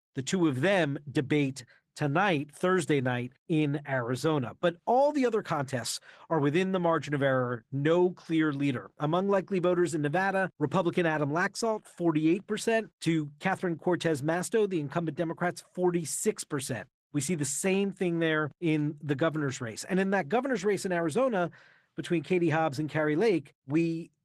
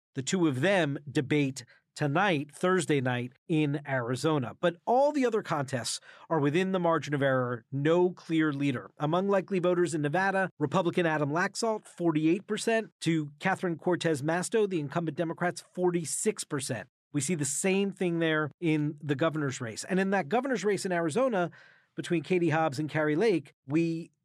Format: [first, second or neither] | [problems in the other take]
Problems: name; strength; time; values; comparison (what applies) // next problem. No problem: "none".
second | garbled, watery; slightly